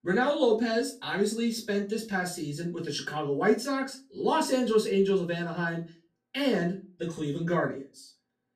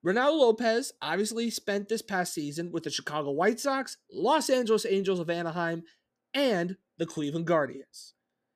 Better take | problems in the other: second | off-mic speech; far // room echo; very slight; dies away in 0.2 s

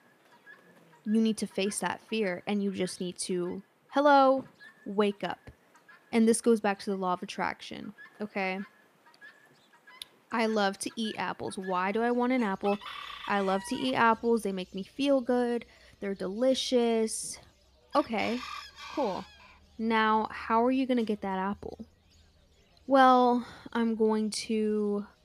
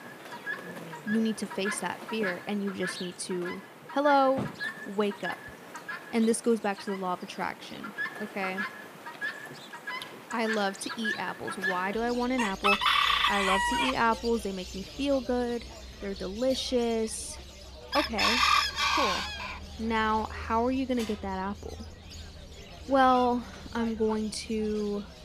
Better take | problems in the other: first | animal sounds; loud; throughout; 1 dB below the speech; faint in the first

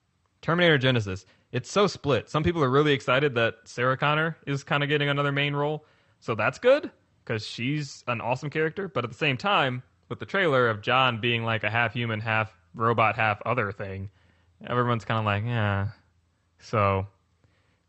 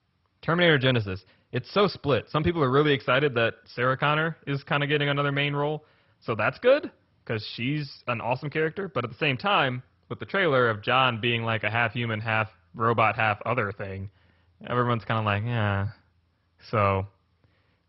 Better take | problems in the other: first | garbled, watery; badly; nothing above 5.5 kHz; slightly in the first

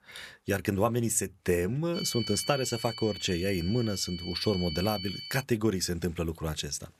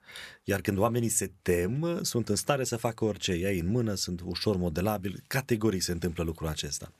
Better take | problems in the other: second | high-pitched whine; loud; from 2 to 5.5 s; 4.5 kHz, 8 dB below the speech

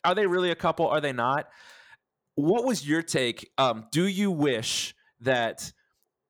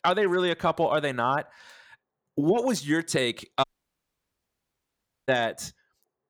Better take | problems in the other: first | audio cutting out; at 3.5 s for 1.5 s

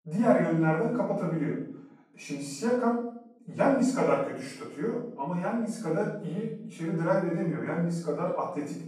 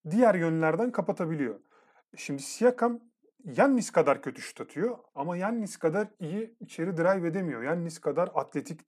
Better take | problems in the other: second | off-mic speech; far // room echo; noticeable; dies away in 0.6 s

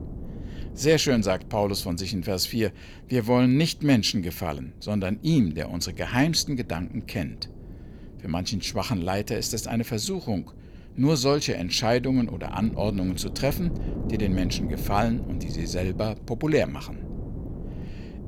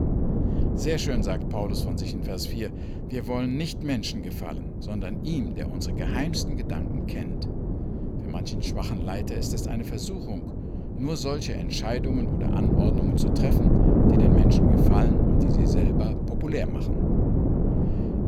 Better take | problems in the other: first | wind noise on the microphone; heavy; 2 dB above the speech; occasional gusts in the first

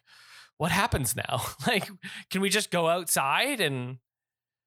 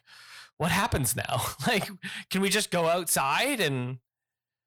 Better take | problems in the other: first | distortion; slight; 10 dB below the speech

